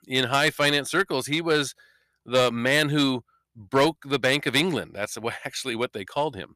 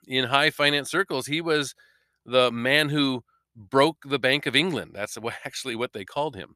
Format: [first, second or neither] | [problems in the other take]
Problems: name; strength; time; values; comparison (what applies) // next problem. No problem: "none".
second | distortion; slight; 3% of the sound clipped